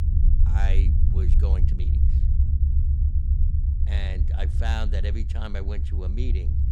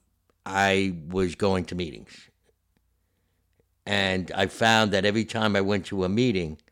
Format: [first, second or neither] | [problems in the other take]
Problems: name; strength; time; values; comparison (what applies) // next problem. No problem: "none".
second | low rumble; loud; throughout; 4 dB below the speech